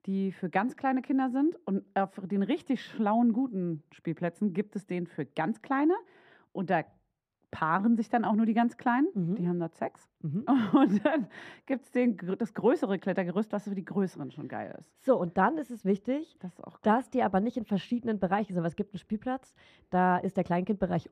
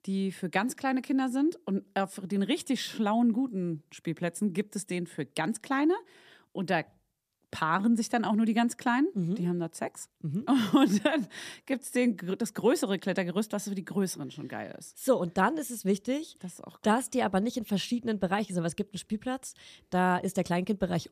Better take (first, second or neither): second